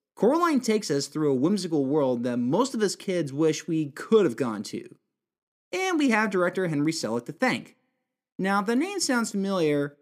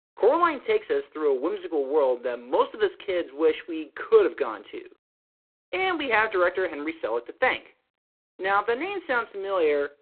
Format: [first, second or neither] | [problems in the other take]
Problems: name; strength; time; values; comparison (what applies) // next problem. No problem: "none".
first | phone-call audio; poor line